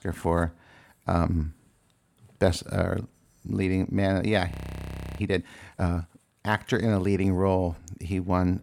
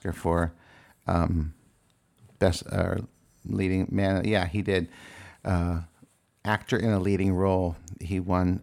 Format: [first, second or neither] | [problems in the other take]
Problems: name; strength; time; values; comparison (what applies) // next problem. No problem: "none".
second | audio freezing; at 4.5 s for 0.5 s